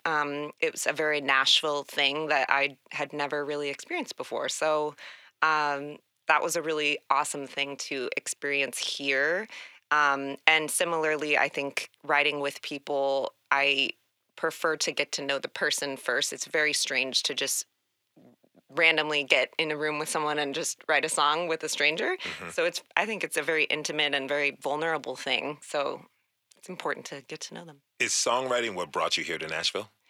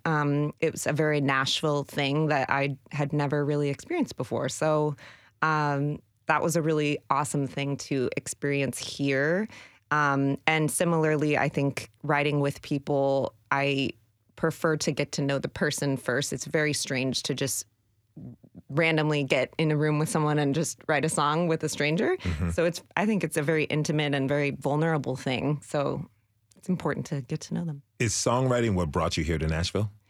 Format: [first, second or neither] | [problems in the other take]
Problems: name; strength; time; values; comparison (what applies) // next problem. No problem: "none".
second | thin; somewhat; fading below 500 Hz